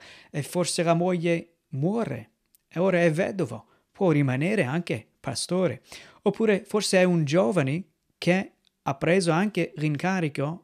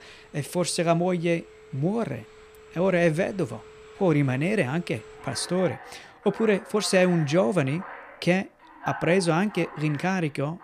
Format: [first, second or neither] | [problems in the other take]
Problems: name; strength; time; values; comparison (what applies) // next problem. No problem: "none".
first | alarms or sirens; noticeable; throughout; 20 dB below the speech